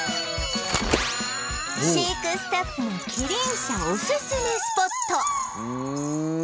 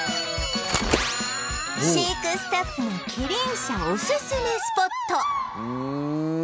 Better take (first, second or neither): second